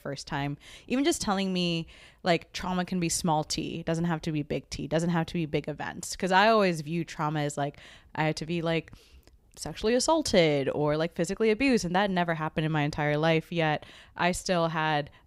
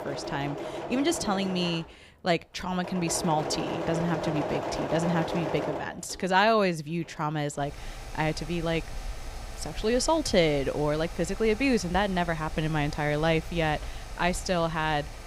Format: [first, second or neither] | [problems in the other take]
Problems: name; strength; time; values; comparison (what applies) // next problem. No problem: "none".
first | machinery noise; loud; throughout; 9 dB below the speech